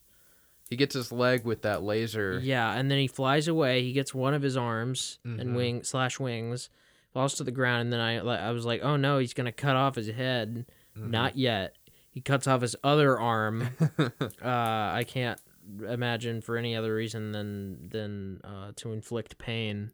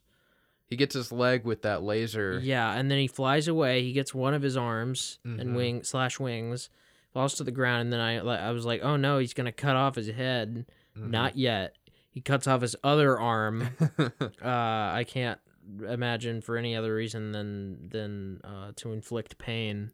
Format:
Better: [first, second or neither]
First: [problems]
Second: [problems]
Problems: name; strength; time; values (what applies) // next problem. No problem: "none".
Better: second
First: hiss; faint; until 4.5 s and from 9.5 to 18 s; 25 dB below the speech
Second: none